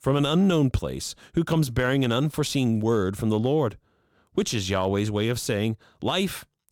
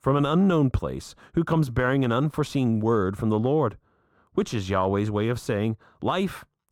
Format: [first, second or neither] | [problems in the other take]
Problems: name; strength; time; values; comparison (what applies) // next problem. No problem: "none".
first | muffled; slightly; fading above 2.5 kHz